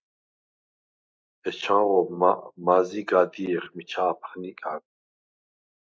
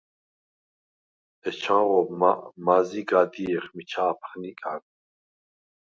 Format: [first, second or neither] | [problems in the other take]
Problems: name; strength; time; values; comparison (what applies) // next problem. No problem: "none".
second | noise reduction (neural mask model Resemble Enhance denoiser)